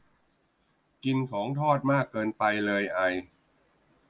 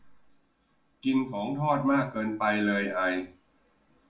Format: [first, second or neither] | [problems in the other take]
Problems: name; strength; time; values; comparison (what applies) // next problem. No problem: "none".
first | room echo; dies away in 0.4 s